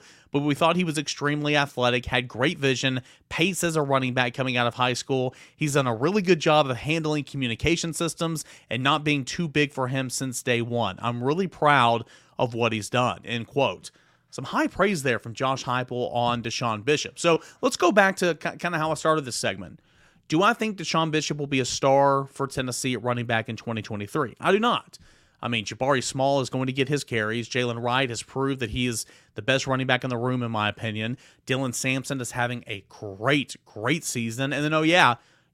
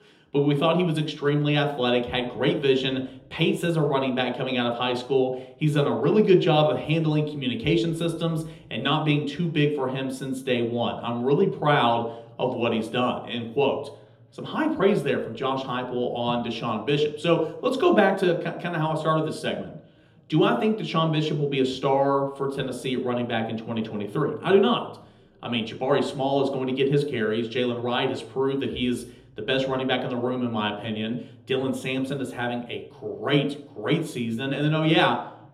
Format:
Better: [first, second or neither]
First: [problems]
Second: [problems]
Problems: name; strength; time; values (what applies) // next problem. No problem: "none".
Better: first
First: none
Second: room echo; slight; dies away in 0.8 s // off-mic speech; somewhat distant